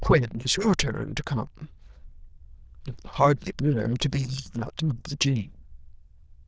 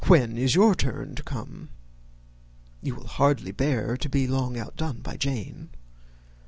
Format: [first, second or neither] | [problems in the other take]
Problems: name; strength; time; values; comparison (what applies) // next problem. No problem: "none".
second | noise reduction (neural diffusion model UNIVERSE++)